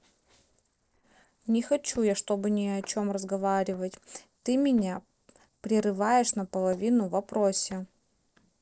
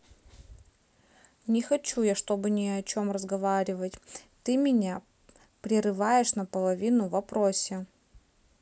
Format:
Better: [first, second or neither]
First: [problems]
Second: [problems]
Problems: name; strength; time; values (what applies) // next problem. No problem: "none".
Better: second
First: noise reduction (neural separator model SepFormer DNS4)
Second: none